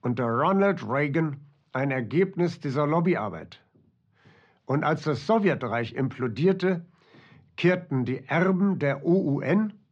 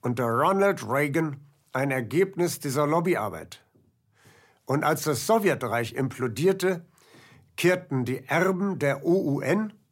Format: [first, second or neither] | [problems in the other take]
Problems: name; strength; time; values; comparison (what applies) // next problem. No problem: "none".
second | muffled; slightly; fading above 4.5 kHz